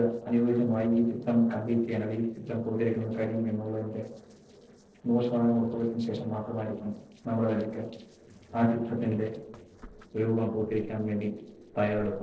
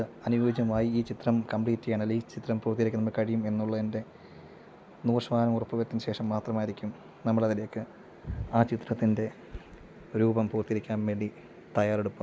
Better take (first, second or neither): second